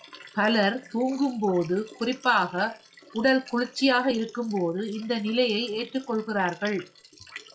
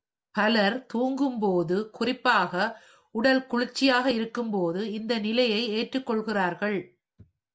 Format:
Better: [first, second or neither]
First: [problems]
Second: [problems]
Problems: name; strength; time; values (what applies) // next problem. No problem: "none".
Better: second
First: noise reduction (classical method log-MMSE)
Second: none